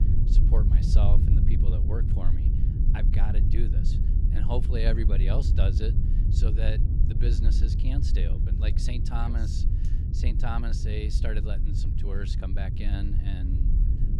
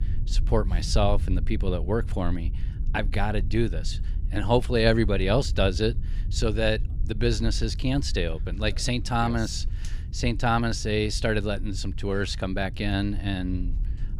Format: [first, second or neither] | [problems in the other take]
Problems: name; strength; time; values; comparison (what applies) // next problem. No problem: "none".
second | low rumble; loud; throughout; 3 dB below the speech; faint in the second